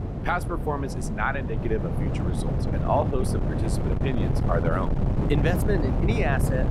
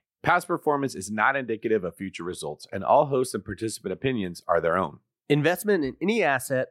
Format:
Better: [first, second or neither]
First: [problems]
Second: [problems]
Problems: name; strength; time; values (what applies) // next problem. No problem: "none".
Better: second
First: wind noise on the microphone; heavy; 5 dB below the speech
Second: none